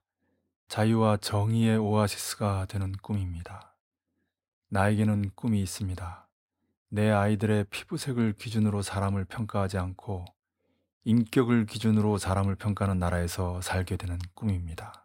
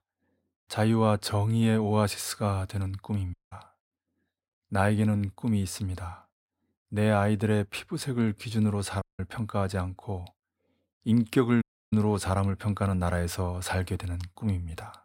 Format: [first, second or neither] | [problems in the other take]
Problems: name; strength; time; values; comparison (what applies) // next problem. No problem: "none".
first | audio cutting out; at 3.5 s, at 9 s and at 12 s